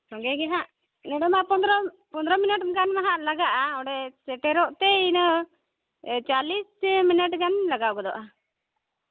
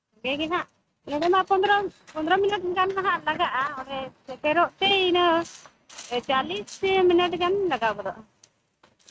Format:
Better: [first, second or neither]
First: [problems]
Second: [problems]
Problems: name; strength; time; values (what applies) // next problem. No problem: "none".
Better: first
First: none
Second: noise reduction (neural mask model RNNoise)